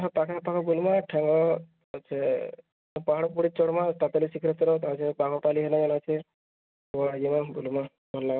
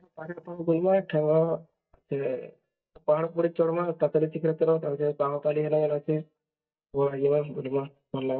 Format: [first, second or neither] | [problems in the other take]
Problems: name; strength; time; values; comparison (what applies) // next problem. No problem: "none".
first | noise reduction (neural mask model DeepFilterNet 3)